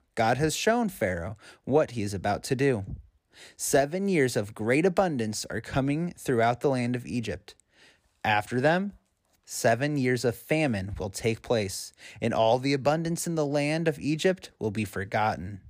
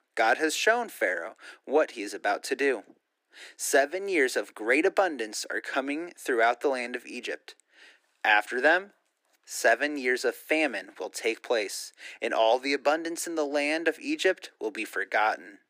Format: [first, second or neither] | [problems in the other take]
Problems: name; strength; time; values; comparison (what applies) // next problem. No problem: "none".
first | thin; somewhat; fading below 300 Hz